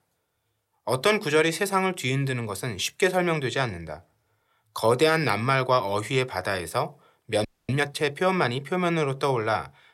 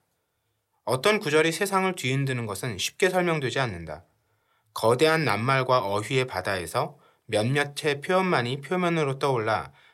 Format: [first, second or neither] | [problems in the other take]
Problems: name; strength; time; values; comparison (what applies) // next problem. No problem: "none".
second | audio freezing; at 7.5 s